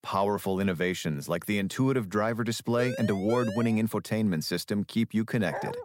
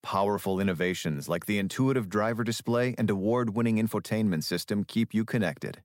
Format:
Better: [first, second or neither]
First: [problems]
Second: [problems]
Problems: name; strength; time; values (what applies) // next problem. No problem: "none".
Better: second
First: siren; noticeable; from 3 to 4 s; peak 8 dB below the speech // dog barking; very faint; at 5.5 s; peak 8 dB below the speech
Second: none